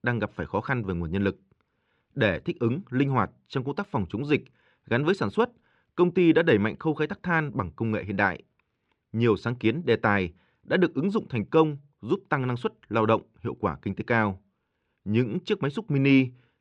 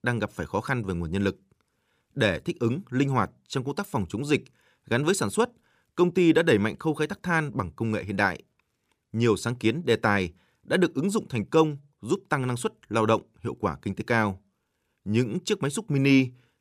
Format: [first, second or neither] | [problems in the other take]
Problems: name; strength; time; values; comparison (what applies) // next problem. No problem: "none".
second | muffled; slightly; fading above 3.5 kHz